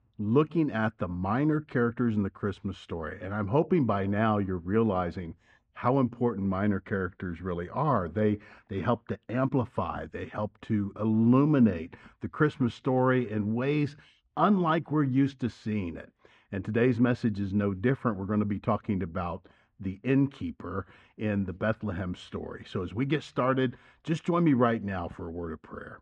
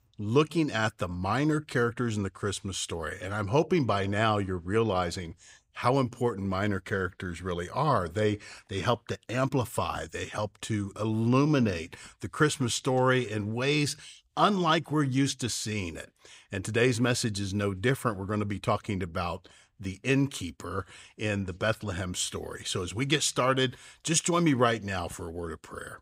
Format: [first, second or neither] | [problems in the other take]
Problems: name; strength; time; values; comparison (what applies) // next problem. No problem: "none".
second | muffled; very; fading above 1.5 kHz